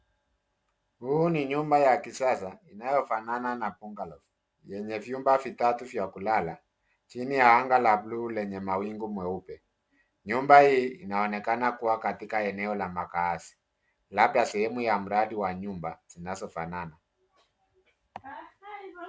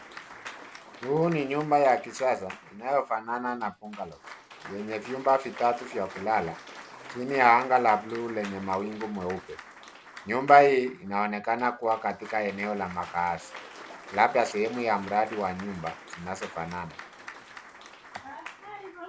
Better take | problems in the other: first | background sound (Applause / Cheering); 17 dB below the speech

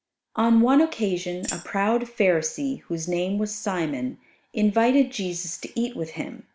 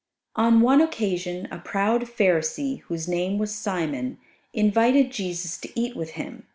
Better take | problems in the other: second | background sound (Tambourine); 12 dB below the speech

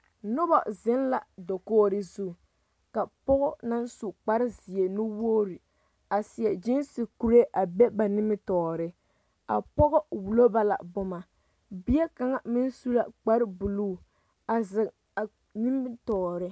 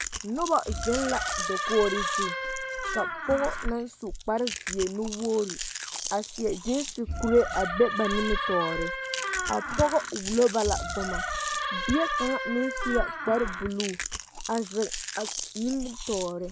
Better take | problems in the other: first | background sound (Door + Chewing, mastication); 3 dB below the speech

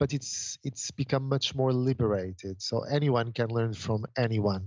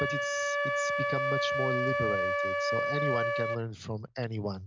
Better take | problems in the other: first | background sound (Wind instrument, woodwind instrument); 4 dB above the speech

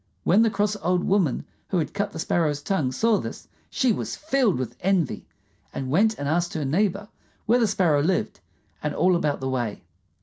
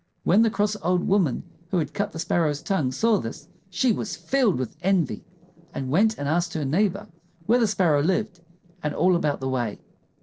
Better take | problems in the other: first | noise reduction (neural separator model SepFormer DNS4)

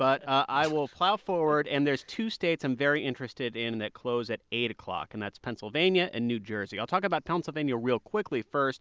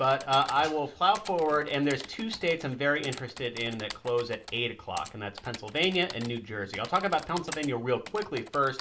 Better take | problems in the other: first | background sound (Typing); 16 dB below the speech // room echo; dies away in 0.4 s

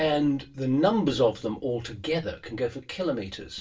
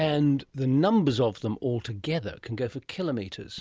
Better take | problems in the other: second | room echo; dies away in 0.2 s

